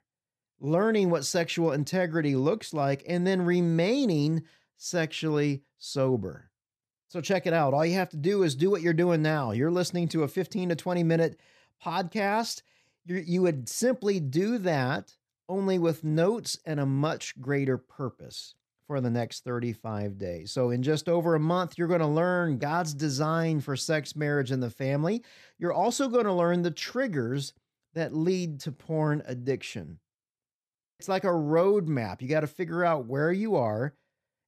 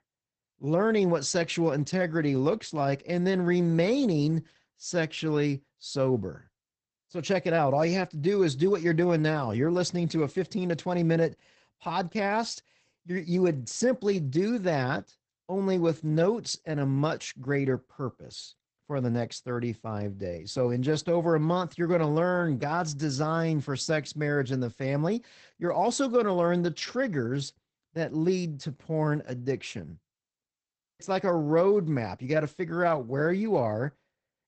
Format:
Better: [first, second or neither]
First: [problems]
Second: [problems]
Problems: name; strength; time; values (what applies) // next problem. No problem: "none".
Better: first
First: none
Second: garbled, watery; badly; nothing above 8 kHz